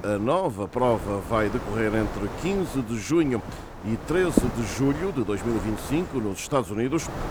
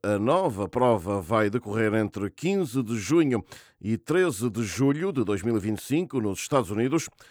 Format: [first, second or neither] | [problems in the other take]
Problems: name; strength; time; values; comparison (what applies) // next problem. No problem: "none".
second | wind noise on the microphone; heavy; 8 dB below the speech